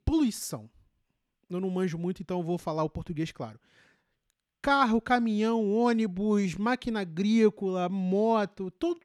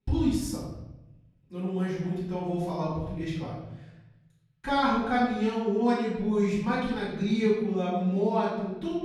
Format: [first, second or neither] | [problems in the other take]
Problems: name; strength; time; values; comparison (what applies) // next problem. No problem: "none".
first | room echo; noticeable; dies away in 1 s // off-mic speech; far